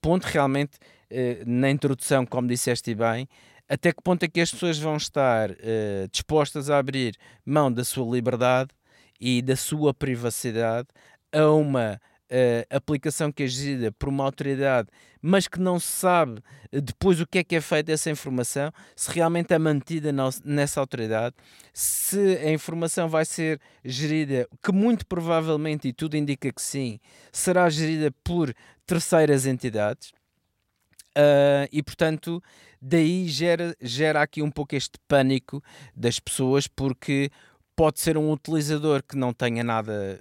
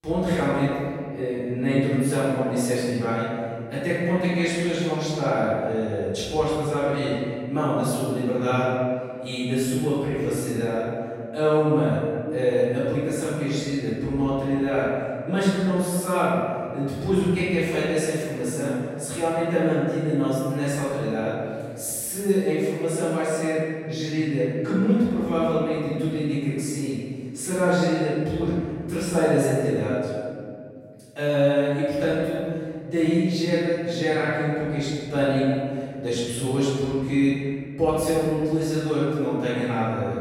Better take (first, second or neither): first